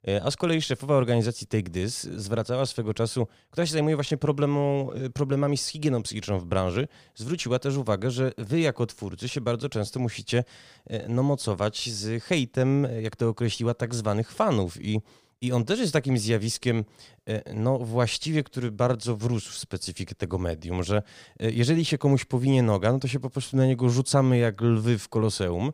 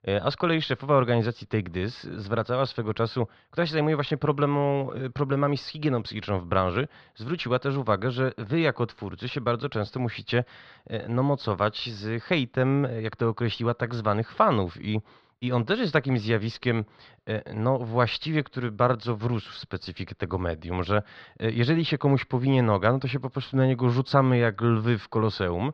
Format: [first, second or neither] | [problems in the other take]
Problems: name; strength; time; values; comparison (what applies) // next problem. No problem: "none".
first | muffled; slightly; fading above 4 kHz